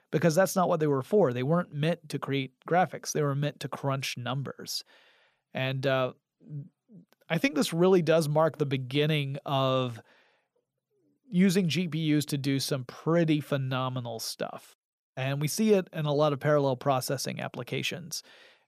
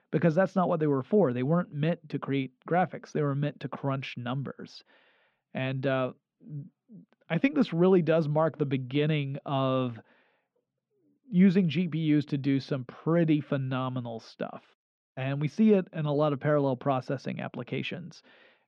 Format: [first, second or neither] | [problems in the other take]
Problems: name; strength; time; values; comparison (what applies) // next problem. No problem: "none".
first | muffled; slightly; fading above 3 kHz